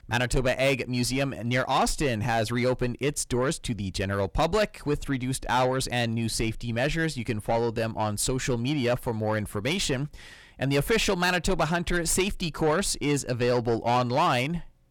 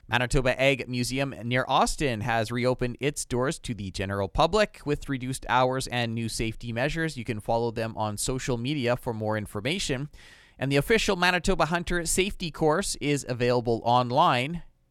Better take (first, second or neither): second